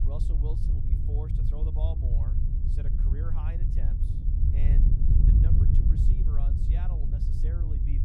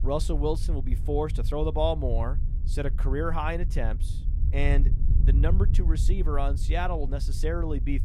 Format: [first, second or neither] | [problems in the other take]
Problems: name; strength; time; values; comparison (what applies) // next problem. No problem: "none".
second | wind noise on the microphone; heavy; 5 dB above the speech; occasional gusts in the second